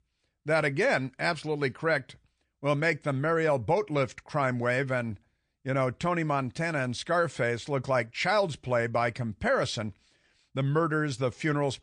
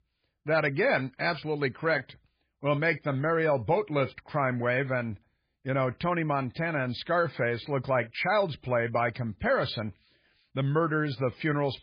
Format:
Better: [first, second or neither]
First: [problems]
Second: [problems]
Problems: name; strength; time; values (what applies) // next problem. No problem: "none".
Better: first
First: garbled, watery; slightly; nothing above 9.5 kHz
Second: garbled, watery; badly; nothing above 4 kHz